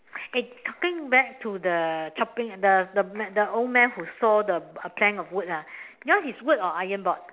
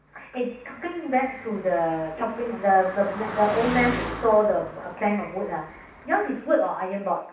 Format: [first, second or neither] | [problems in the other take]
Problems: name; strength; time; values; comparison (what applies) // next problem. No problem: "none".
first | background sound (Car passing by); 12 dB below the speech // room echo; dies away in 0.7 s